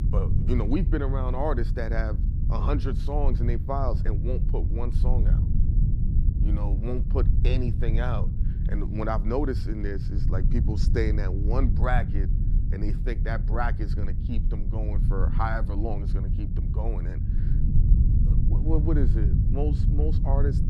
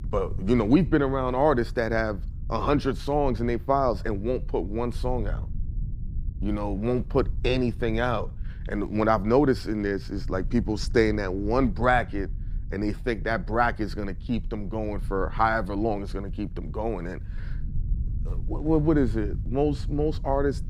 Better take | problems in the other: second | low rumble; loud; throughout; 8 dB below the speech; faint in the second

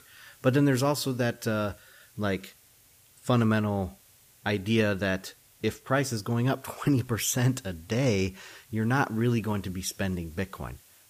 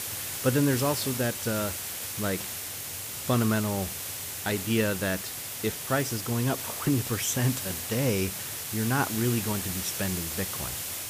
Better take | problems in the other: first | hiss; loud; throughout; 3 dB below the speech; faint in the first

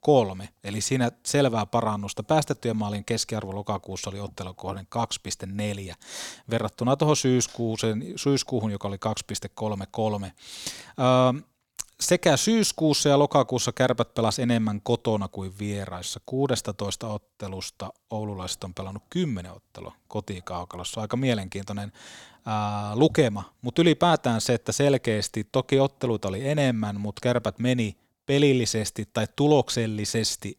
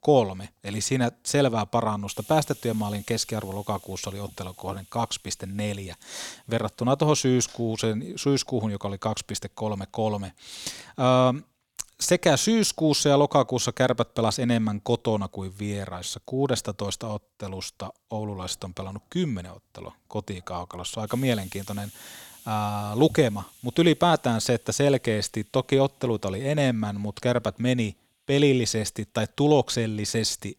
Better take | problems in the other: first | hiss; faint; throughout; 25 dB below the speech

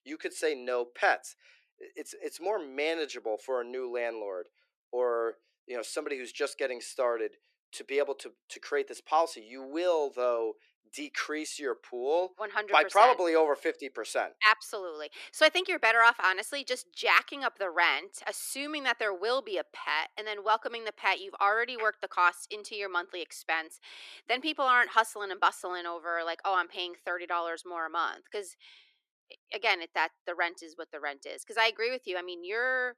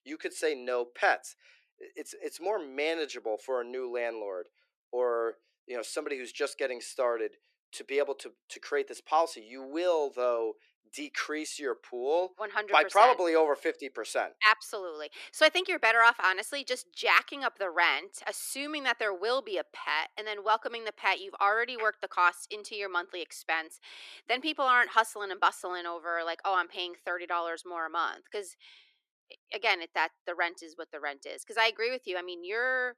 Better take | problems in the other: neither | thin; very; fading below 350 Hz; the same in both

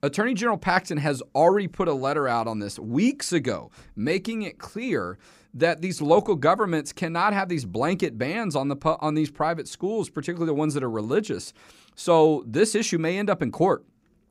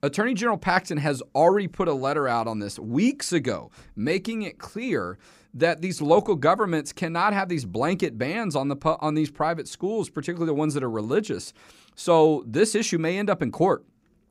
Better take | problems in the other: neither | none

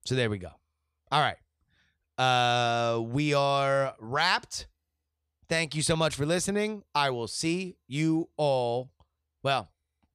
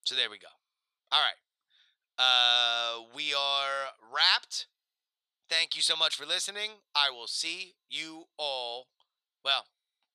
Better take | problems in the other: first | thin; very; fading below 850 Hz

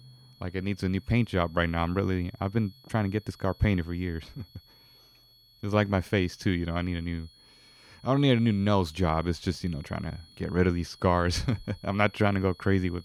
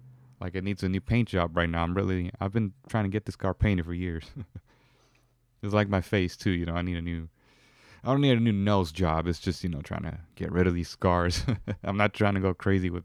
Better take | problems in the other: second | high-pitched whine; faint; throughout; 4.5 kHz, 25 dB below the speech

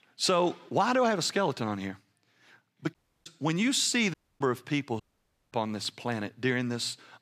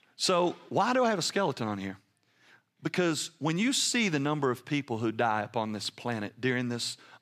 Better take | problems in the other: second | audio cutting out; at 3 s, at 4 s and at 5 s for 0.5 s

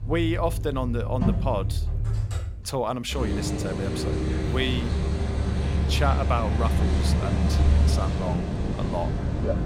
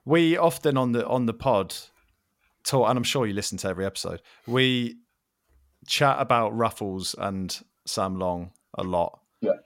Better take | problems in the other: second | traffic noise; very loud; throughout; 4 dB above the speech

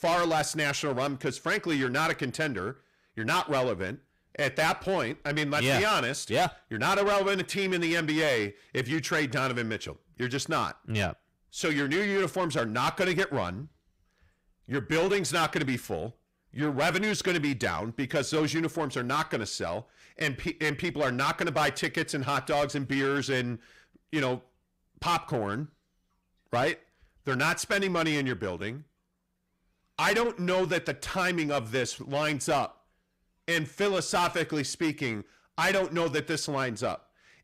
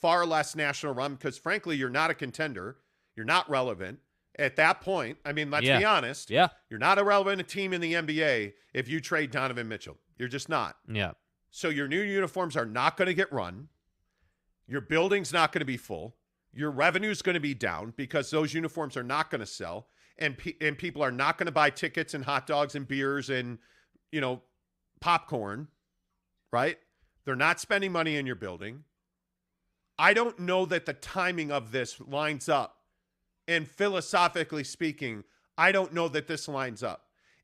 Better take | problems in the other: second | distortion; heavy; 7 dB below the speech

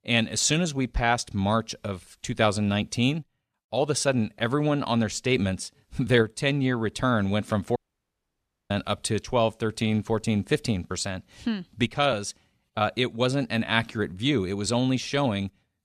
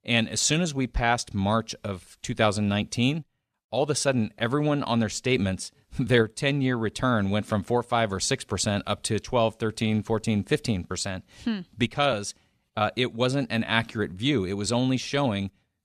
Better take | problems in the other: second | audio cutting out; at 8 s for 1 s

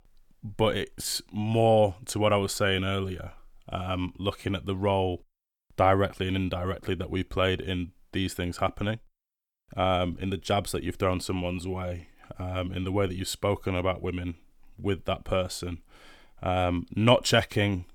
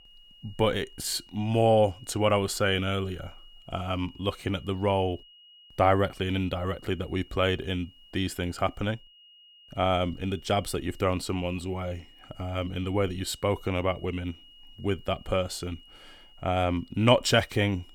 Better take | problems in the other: first | high-pitched whine; faint; throughout; 3 kHz, 25 dB below the speech

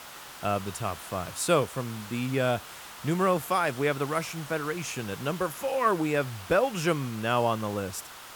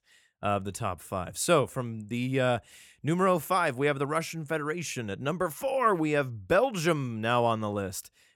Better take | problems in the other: second | hiss; noticeable; throughout; 15 dB below the speech

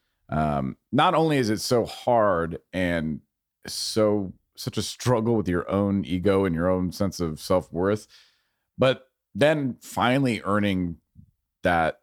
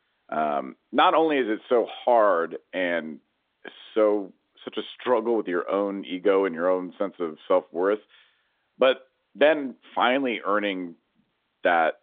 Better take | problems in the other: first | phone-call audio; nothing above 3.5 kHz

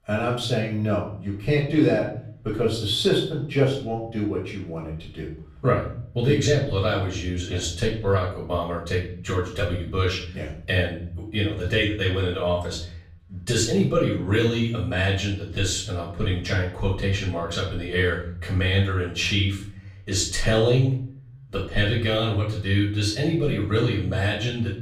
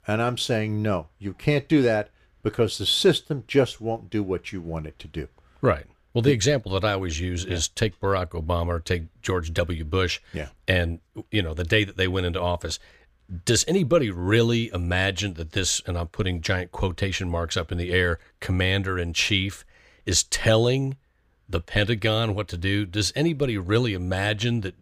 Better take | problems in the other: second | off-mic speech; far // room echo; noticeable; dies away in 0.6 s

